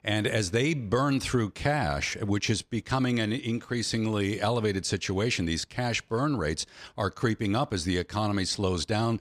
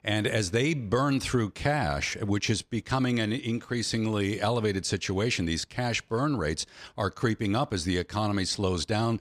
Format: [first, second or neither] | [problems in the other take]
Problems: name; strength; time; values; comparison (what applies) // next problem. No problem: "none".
neither | none